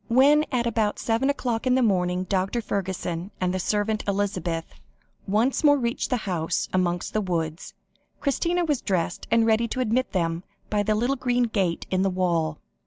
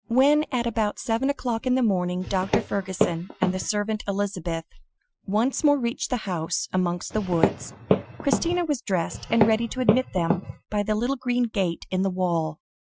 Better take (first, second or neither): first